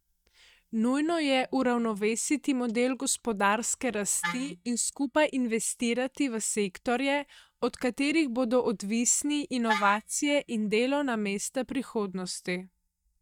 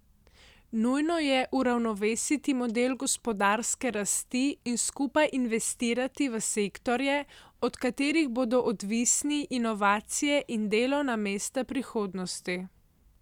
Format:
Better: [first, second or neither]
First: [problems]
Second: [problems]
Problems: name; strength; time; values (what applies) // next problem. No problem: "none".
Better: second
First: noise reduction (neural mask model DeepFilterNet 3)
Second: none